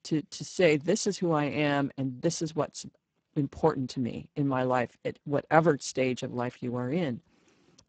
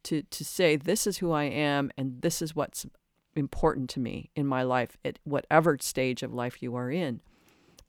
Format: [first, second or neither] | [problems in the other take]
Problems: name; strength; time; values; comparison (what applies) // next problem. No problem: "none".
second | garbled, watery; badly; nothing above 8 kHz